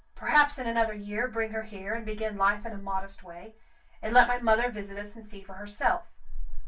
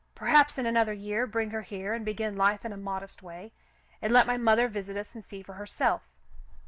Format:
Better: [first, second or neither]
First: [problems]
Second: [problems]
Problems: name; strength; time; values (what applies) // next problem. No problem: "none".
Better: second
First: room echo; dies away in 0.2 s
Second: none